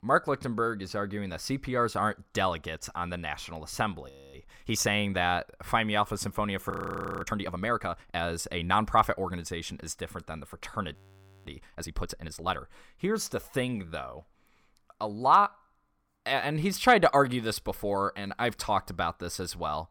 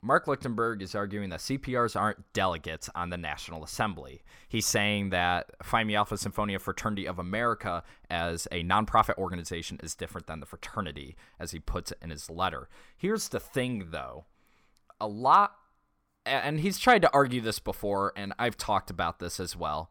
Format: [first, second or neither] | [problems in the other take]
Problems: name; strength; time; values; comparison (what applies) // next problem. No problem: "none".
second | audio freezing; at 4 s, at 6.5 s for 0.5 s and at 11 s for 0.5 s